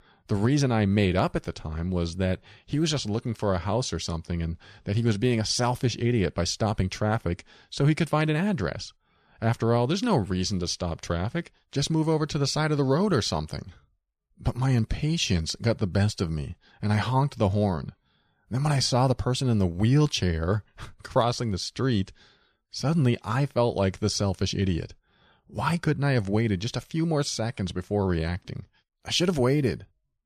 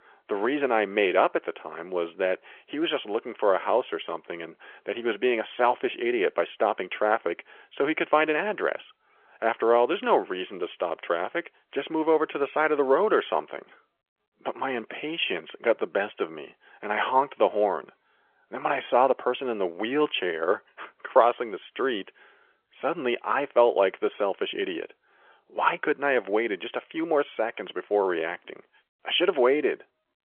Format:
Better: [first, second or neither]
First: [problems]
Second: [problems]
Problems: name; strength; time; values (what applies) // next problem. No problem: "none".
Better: first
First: none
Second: phone-call audio; nothing above 3.5 kHz